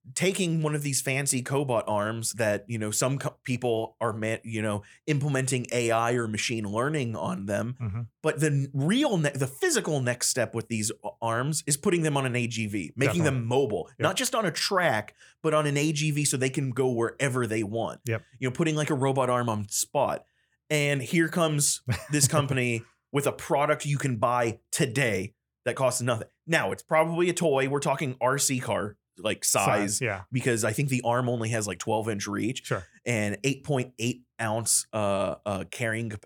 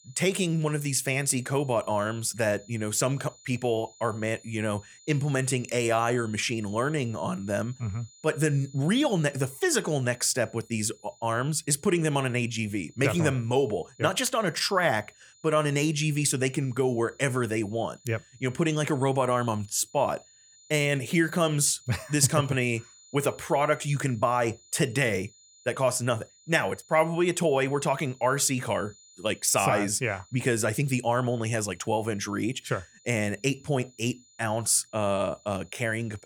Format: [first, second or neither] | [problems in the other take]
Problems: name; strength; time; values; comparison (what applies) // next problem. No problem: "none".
first | high-pitched whine; faint; throughout; 7 kHz, 25 dB below the speech